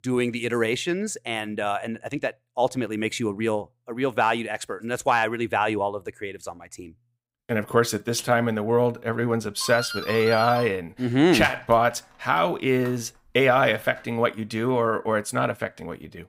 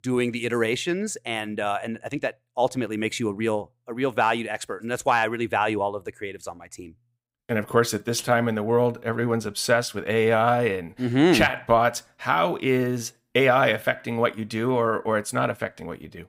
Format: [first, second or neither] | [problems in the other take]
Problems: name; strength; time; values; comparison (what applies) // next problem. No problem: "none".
second | doorbell; noticeable; from 9.5 to 14 s; peak 8 dB below the speech